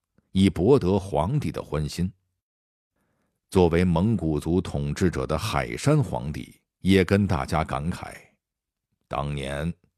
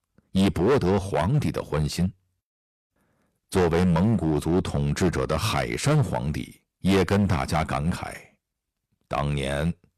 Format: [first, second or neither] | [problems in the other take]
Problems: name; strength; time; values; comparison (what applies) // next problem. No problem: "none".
first | distortion; heavy; 8% of the sound clipped